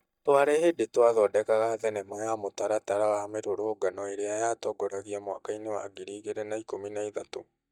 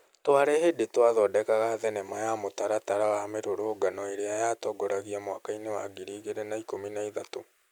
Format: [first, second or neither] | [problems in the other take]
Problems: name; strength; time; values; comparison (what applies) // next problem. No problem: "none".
second | noise reduction (neural mask model DeepFilterNet 3)